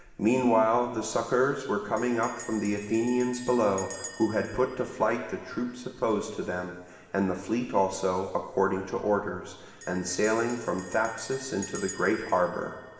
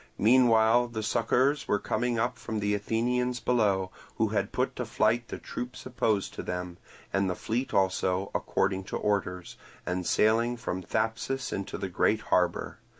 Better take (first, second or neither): second